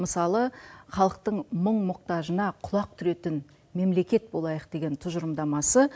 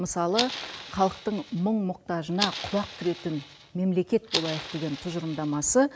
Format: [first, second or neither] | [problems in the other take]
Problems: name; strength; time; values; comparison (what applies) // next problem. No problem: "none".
first | background sound (Fire); 9 dB below the speech